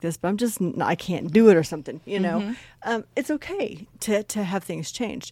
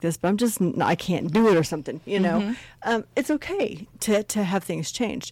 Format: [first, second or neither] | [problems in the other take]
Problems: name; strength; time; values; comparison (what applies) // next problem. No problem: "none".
first | distortion; heavy; 4% of the sound clipped